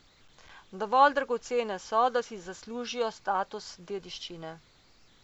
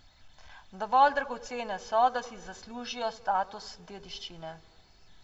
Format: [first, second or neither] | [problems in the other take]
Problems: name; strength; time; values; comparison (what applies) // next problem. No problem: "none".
first | room echo; dies away in 0.4 s